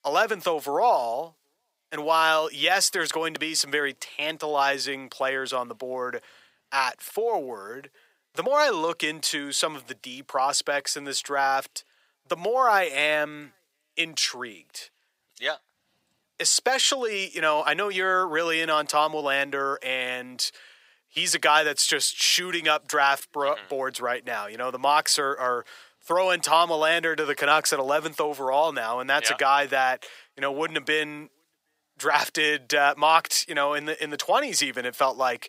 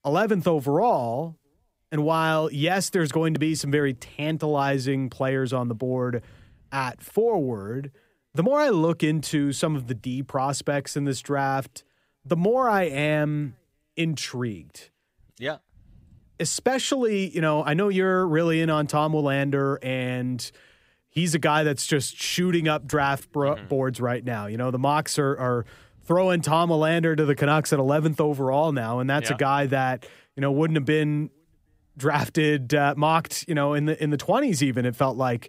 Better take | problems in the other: second | thin; very; fading below 700 Hz

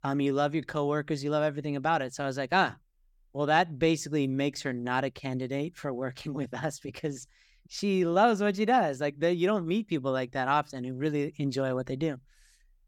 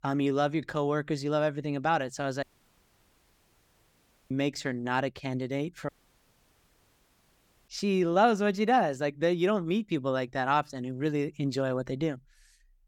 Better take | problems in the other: first | audio cutting out; at 2.5 s for 2 s and at 6 s for 2 s

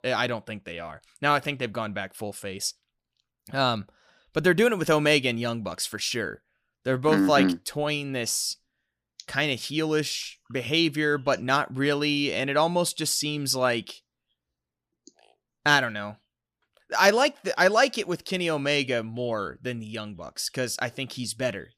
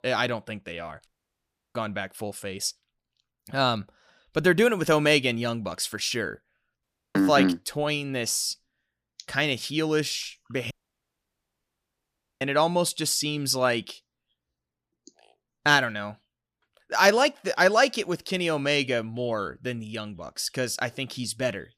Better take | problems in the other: first | audio cutting out; at 1 s for 0.5 s, at 7 s and at 11 s for 1.5 s

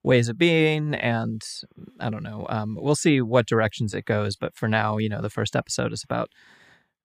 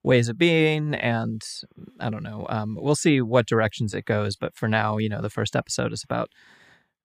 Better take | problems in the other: neither | none

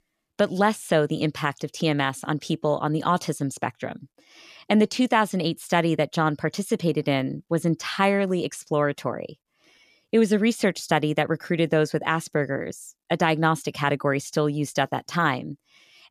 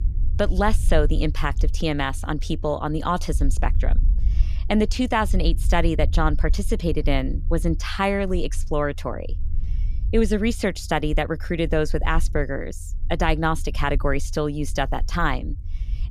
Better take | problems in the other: first | low rumble; faint; throughout; 25 dB below the speech

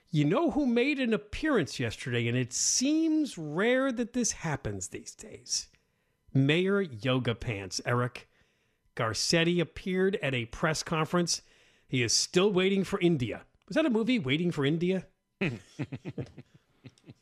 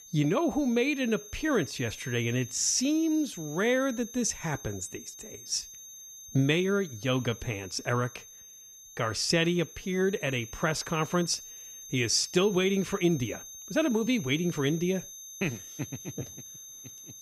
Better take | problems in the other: first | high-pitched whine; noticeable; throughout; 6.5 kHz, 15 dB below the speech

